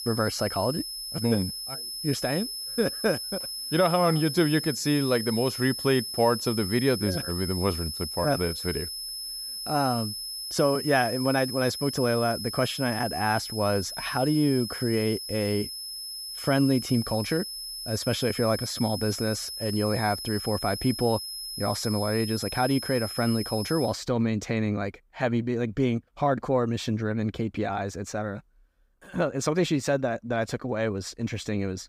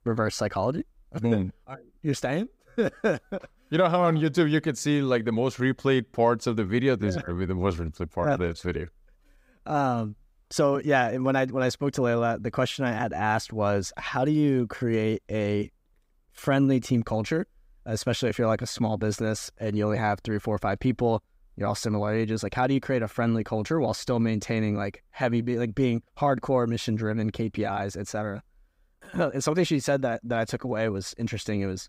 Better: second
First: high-pitched whine; loud; until 24 s; 5 kHz, 6 dB below the speech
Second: none

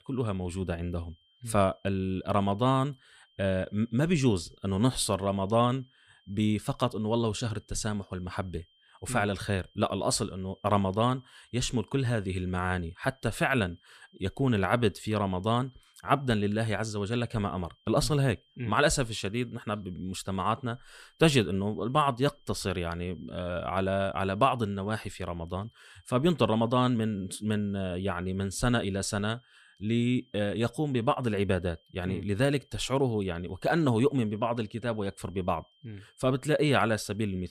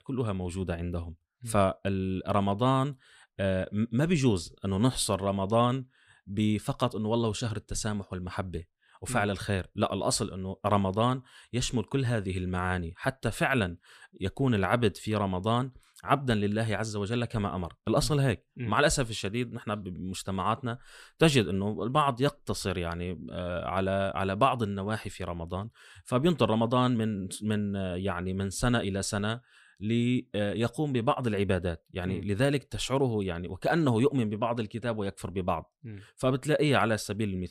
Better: second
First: high-pitched whine; faint; throughout; 3 kHz, 35 dB below the speech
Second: none

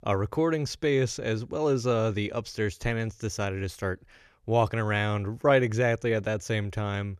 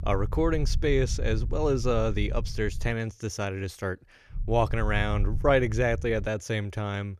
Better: first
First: none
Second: low rumble; faint; until 3 s and from 4.5 to 6.5 s; 20 dB below the speech

